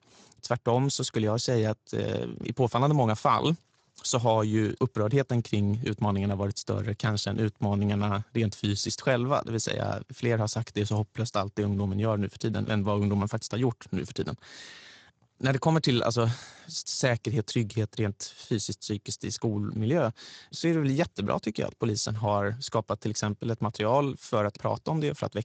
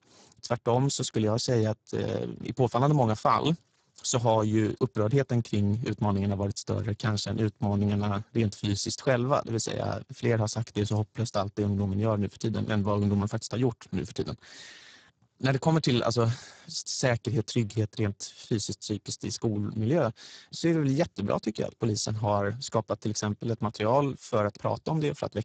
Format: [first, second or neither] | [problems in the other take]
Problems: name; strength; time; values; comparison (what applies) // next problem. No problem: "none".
first | garbled, watery; badly; nothing above 8 kHz; slightly in the first